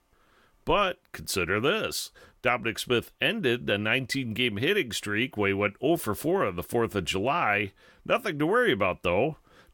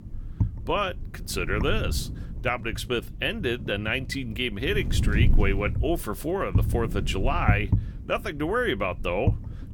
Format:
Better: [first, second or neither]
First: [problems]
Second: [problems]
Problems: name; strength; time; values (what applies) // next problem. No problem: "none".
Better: first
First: none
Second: wind noise on the microphone; occasional gusts; 15 dB below the speech